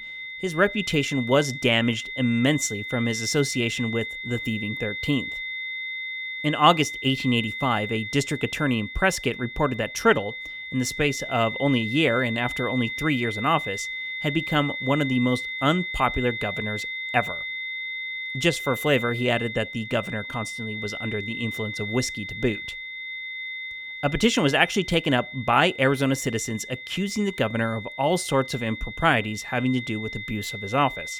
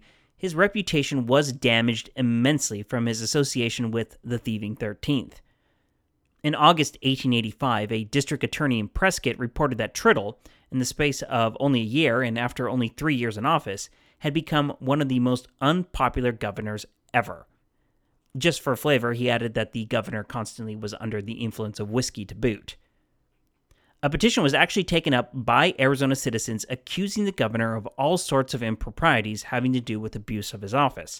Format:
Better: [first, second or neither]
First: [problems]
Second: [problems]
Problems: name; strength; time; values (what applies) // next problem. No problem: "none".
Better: second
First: high-pitched whine; loud; throughout; 2 kHz, 7 dB below the speech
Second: none